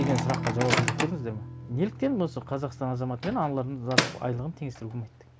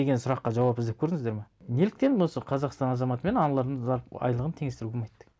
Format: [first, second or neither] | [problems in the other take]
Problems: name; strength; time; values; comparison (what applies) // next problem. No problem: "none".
second | background sound (Microwave oven + Strum); 2 dB below the speech